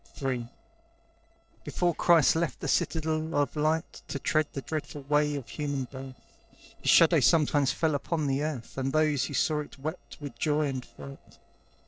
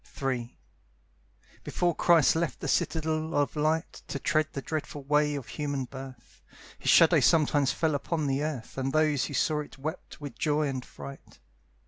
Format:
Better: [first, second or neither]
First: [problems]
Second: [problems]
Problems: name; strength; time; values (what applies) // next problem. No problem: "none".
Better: second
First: noise reduction (neural separator model SepFormer DNS4)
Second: none